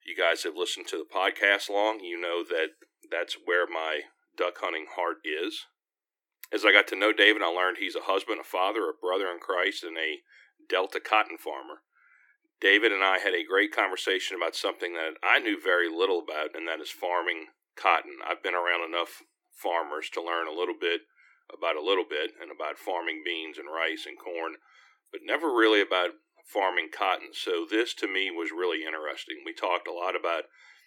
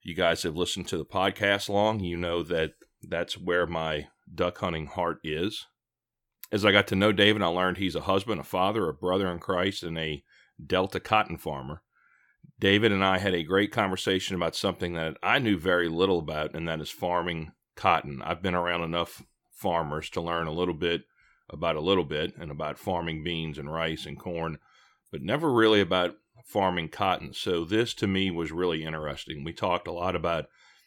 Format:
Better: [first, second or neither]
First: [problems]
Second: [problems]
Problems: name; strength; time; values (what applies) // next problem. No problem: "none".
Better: second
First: thin; very; fading below 300 Hz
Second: none